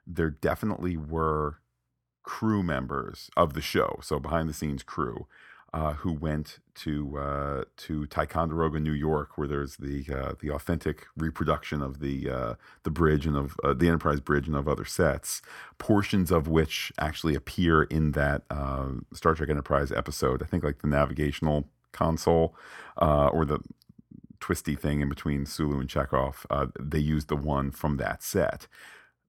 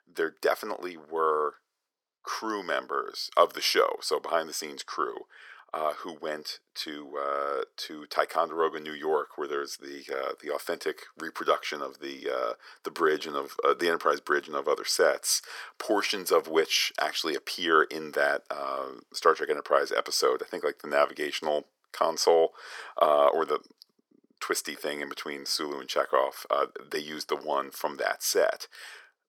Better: first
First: none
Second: thin; very; fading below 400 Hz

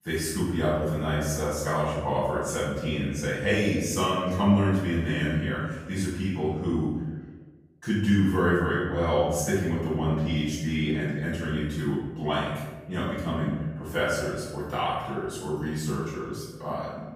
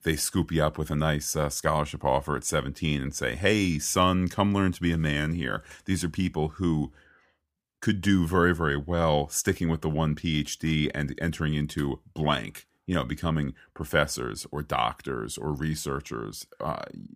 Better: second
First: off-mic speech; far // room echo; noticeable; dies away in 1.1 s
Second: none

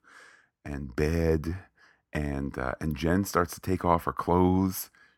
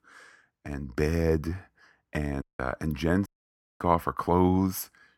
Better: first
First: none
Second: audio cutting out; at 2.5 s and at 3.5 s for 0.5 s

